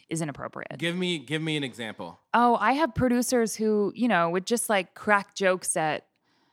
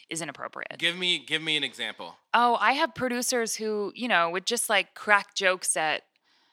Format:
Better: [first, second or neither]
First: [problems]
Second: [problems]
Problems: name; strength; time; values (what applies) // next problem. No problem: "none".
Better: first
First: none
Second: thin; somewhat; fading below 1 kHz